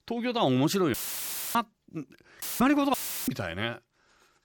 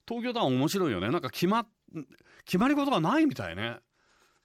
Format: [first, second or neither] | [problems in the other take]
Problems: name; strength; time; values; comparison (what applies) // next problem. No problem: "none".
second | audio cutting out; filled with static; at 1 s for 0.5 s, at 2.5 s and at 3 s